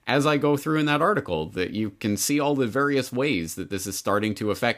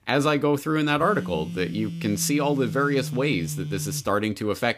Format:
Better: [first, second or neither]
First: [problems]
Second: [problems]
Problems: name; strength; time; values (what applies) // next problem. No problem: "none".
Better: first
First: none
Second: phone ringing; noticeable; from 1 to 4 s; peak 8 dB below the speech